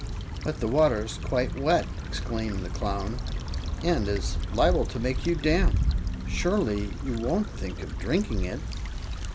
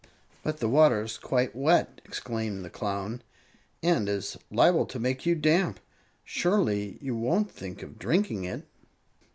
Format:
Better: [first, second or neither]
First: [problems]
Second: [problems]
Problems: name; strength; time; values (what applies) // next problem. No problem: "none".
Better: second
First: background sound (Stream / Trickle, dribble / Traffic noise, roadway noise); 1 dB below the speech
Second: none